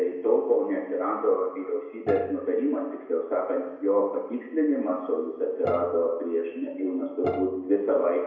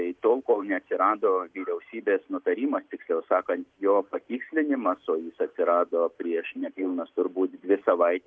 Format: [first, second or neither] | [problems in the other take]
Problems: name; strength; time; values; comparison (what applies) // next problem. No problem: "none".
second | background sound (Bowed string instrument); 12 dB below the speech // room echo; dies away in 1 s